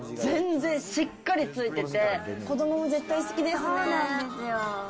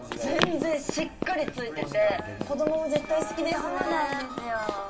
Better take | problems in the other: first | background sound (Run); 7 dB below the speech // room echo; dies away in 0.2 s

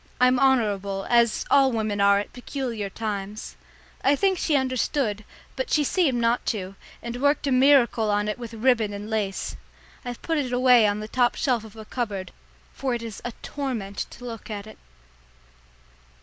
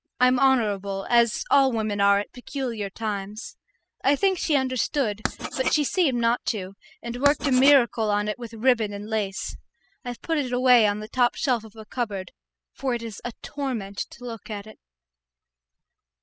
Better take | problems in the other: first | noise reduction (classical method spectral subtraction)

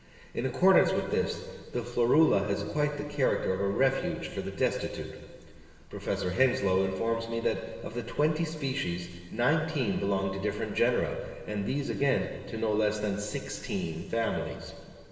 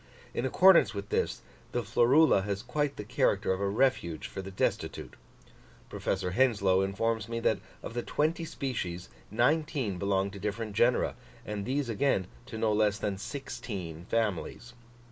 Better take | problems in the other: second | room echo; dies away in 2.1 s

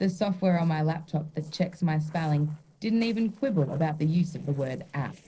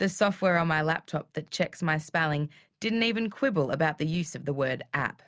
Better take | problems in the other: second | noise reduction (neural separator model SepFormer DNS4)

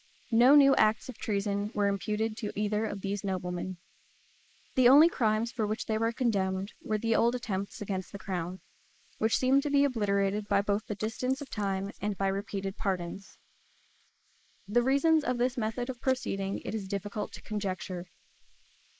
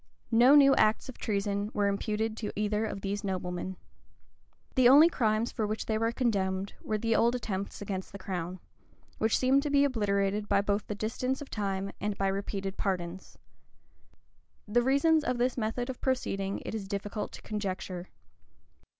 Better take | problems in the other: second | noise reduction (neural mask model Resemble Enhance denoiser)

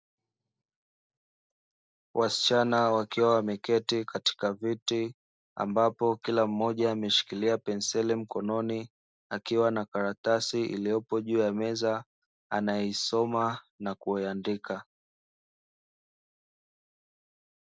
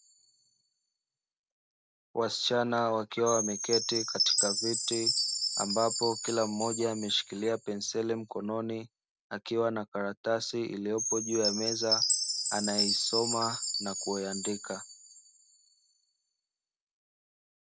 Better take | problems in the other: first | background sound (Chime); 2 dB below the speech

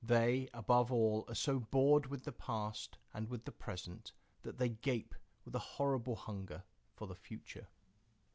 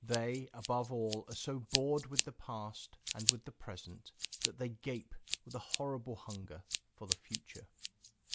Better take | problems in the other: first | background sound (Scissors); 1 dB below the speech

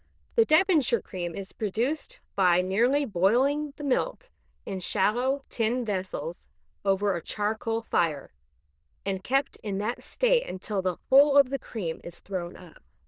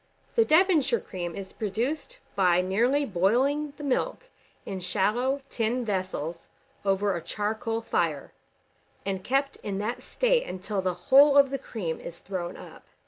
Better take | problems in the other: second | noise reduction (neural diffusion model UNIVERSE++)

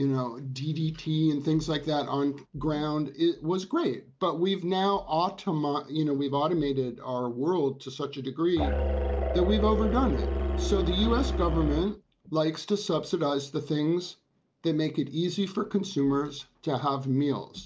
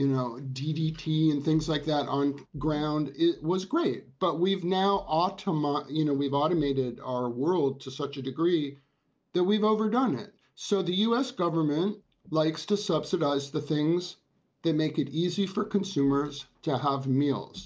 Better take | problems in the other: second | background sound (Musical instrument); as loud as the speech

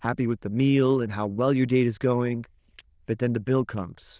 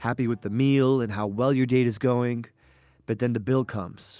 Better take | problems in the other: second | noise reduction (neural diffusion model UNIVERSE++)

